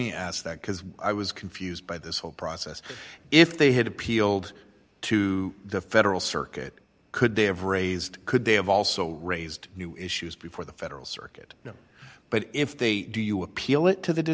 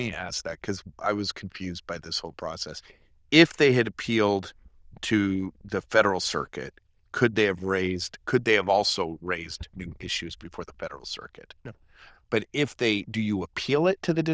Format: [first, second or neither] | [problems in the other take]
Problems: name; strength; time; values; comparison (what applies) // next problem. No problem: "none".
first | noise reduction (neural diffusion model UNIVERSE++)